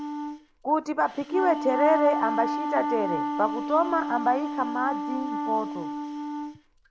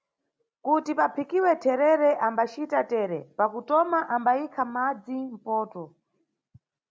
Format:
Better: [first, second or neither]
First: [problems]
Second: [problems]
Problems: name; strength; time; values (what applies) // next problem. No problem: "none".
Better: second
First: background sound (Wind instrument, woodwind instrument); 3 dB below the speech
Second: none